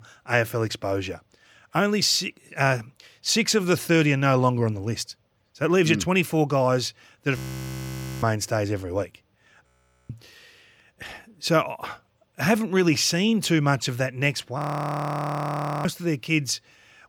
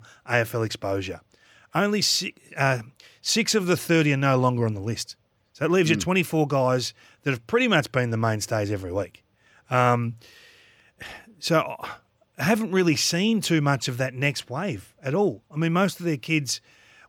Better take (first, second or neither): second